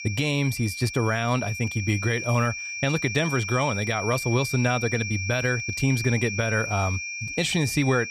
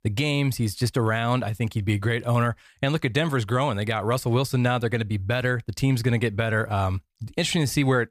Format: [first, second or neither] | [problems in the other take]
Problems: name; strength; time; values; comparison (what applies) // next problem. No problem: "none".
second | high-pitched whine; loud; throughout; 2.5 kHz, 5 dB below the speech